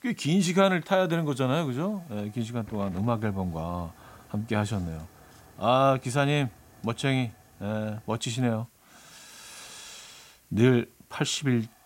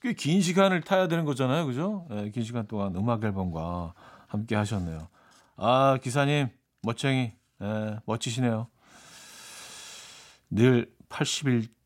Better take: second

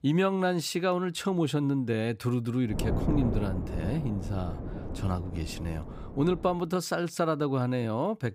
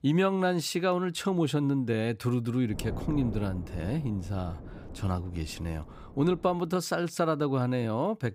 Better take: second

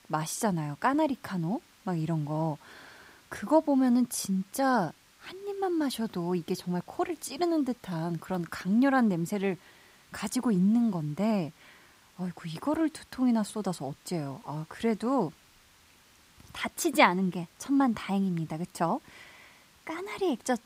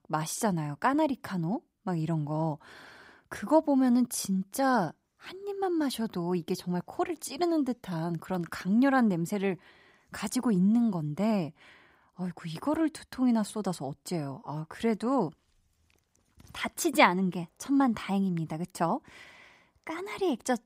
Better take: second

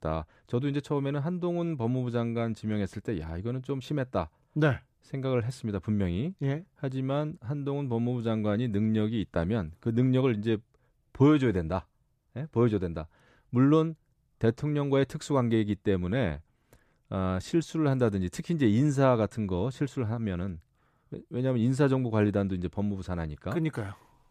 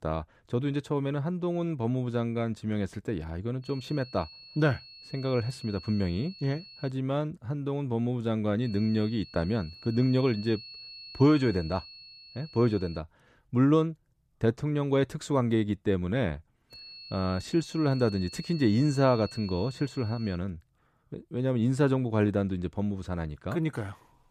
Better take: first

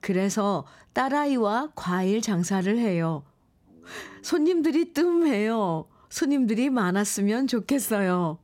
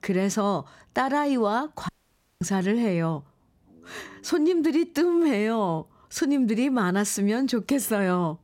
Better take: first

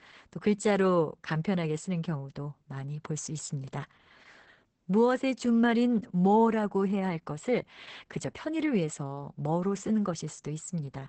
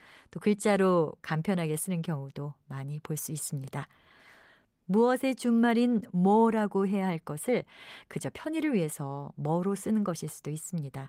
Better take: second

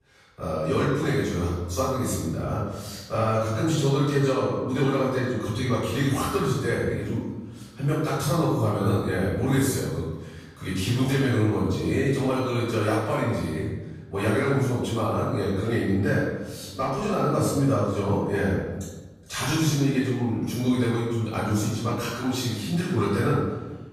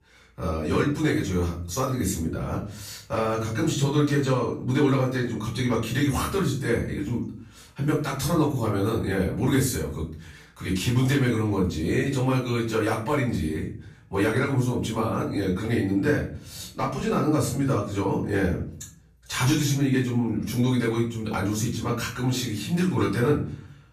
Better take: second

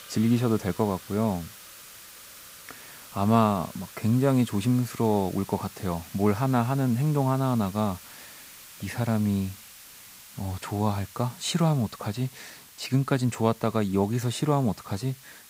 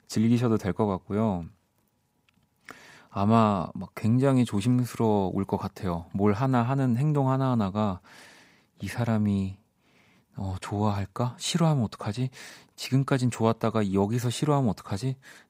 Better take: second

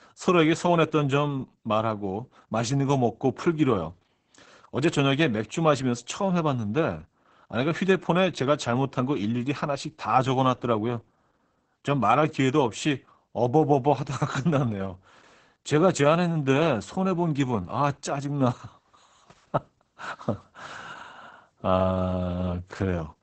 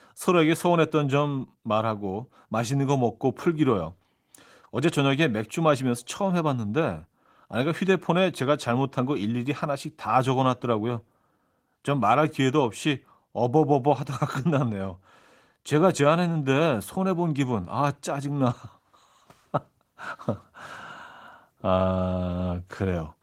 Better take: second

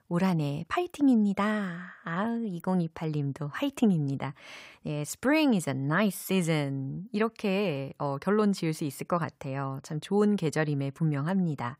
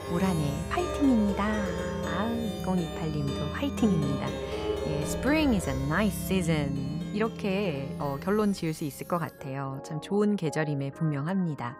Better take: first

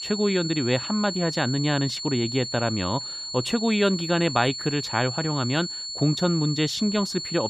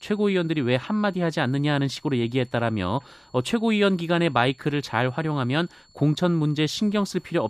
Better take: second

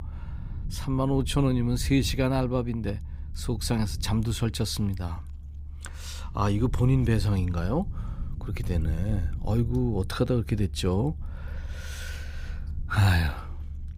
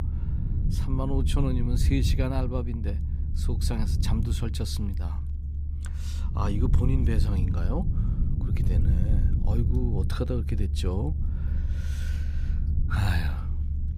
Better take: first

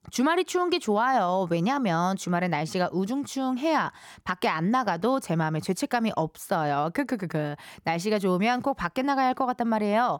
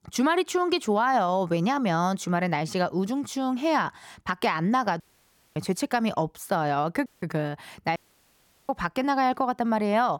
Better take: first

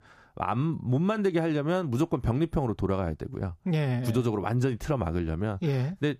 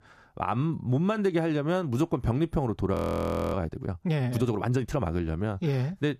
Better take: first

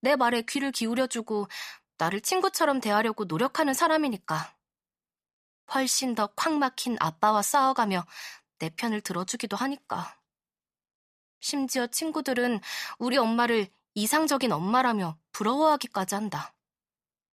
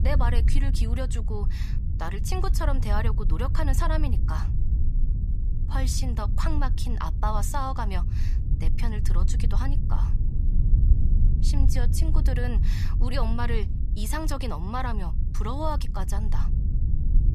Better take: first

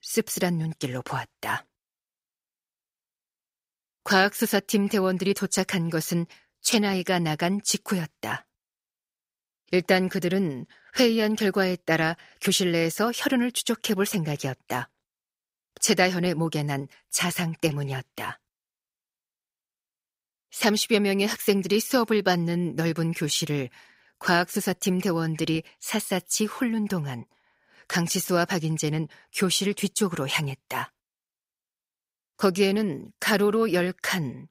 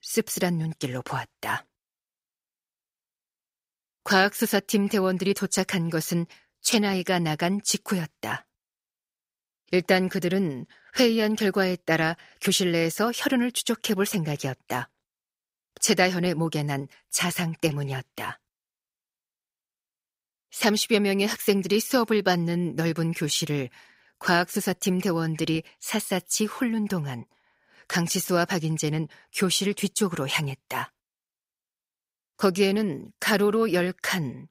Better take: neither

